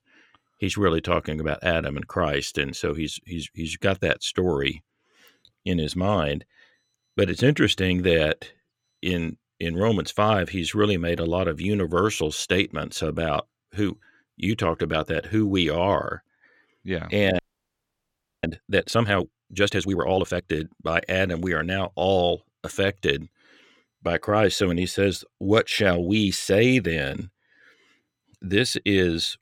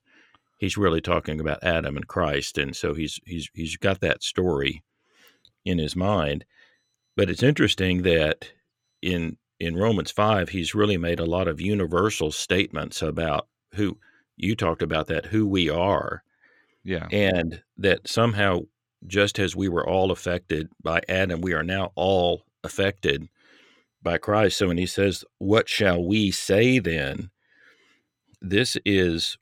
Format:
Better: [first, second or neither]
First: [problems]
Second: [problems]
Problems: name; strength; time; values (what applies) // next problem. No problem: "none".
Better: second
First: audio freezing; at 17 s for 1 s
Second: none